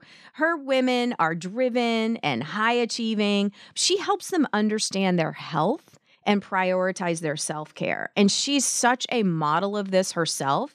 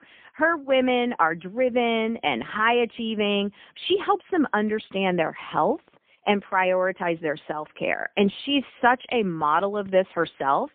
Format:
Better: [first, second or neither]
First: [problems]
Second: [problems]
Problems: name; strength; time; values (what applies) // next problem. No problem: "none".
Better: first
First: none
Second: phone-call audio; poor line; nothing above 3.5 kHz